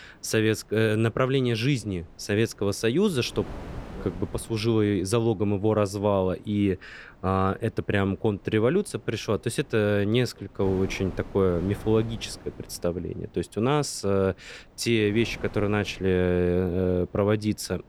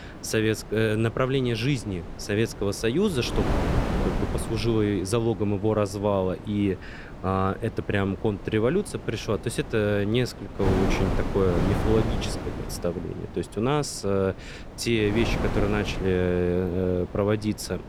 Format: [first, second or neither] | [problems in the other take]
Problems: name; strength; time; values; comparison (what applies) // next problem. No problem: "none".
first | wind noise on the microphone; heavy; 8 dB below the speech; occasional gusts in the first